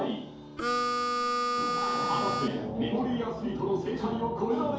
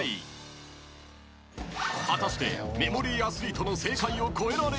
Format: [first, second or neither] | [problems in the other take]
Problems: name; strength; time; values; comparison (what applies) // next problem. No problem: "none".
second | background sound (Harmonica); 2 dB above the speech // room echo; dies away in 2.4 s